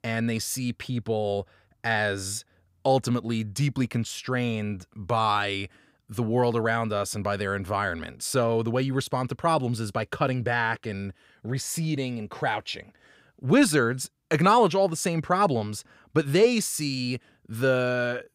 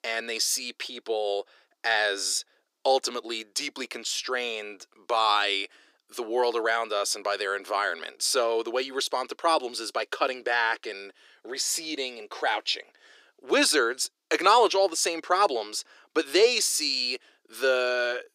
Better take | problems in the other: first | thin; very; fading below 350 Hz

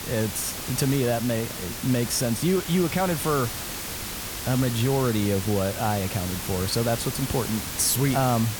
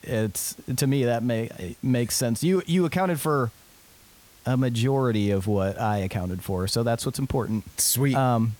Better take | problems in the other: second | hiss; loud; throughout; 6 dB below the speech; faint in the second

